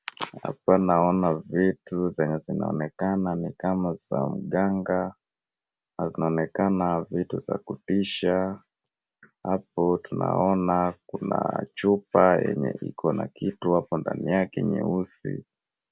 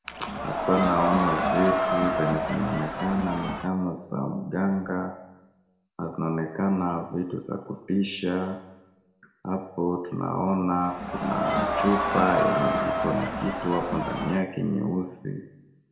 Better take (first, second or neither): first